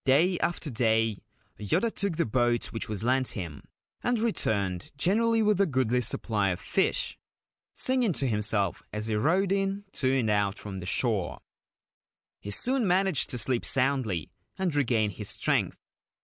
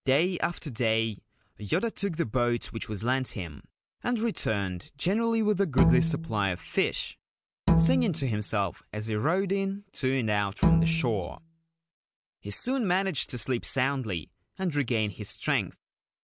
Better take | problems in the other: first | background sound (Bowed string instrument); 2 dB above the speech

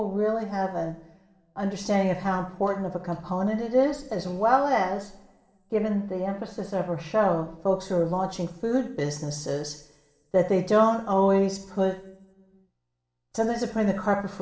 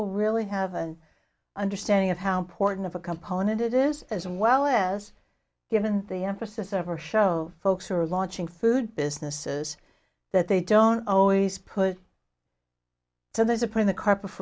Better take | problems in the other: second | room echo; dies away in 0.9 s

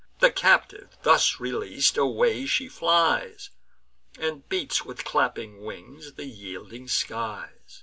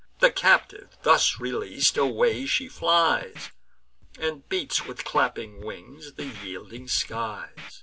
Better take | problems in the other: first | background sound (Scratching (performance technique)); 20 dB below the speech

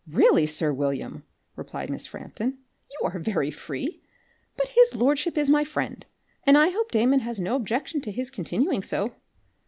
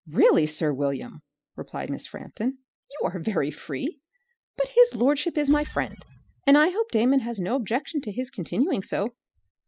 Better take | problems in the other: first | noise reduction (classical method spectral subtraction)

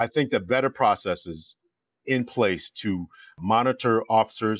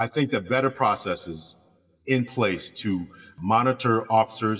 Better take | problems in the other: first | room echo; dies away in 1.1 s

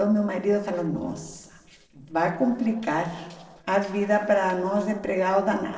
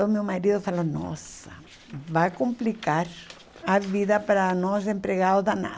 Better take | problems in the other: second | noise reduction (neural separator model SepFormer DNS4)

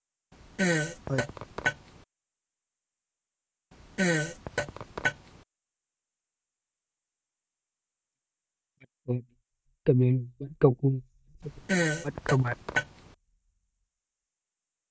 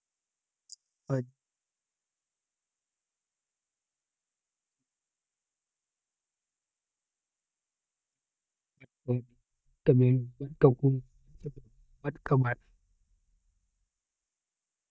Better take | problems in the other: second | background sound (Fart); 3 dB above the speech

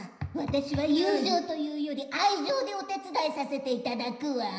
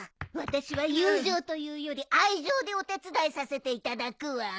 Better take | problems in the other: second | room echo; dies away in 0.9 s

